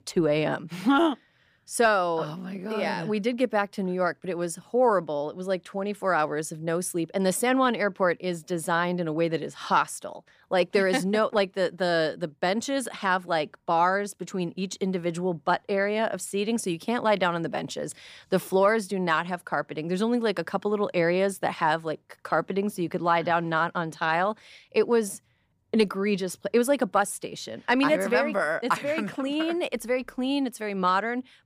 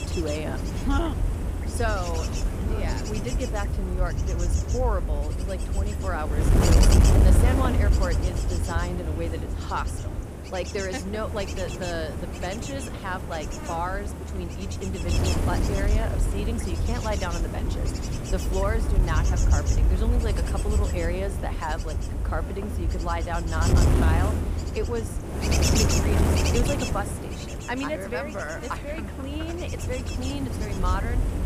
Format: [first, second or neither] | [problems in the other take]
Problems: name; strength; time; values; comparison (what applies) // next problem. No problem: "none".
first | wind noise on the microphone; heavy; 2 dB below the speech